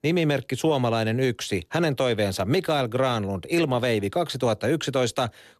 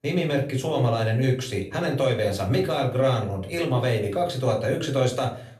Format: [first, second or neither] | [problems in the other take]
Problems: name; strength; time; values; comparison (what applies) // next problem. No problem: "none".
first | room echo; slight; dies away in 0.4 s // off-mic speech; somewhat distant